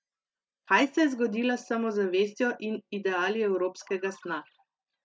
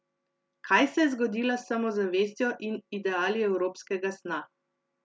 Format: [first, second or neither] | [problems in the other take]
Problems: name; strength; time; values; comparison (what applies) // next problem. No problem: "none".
second | noise reduction (neural mask model DeepFilterNet 3)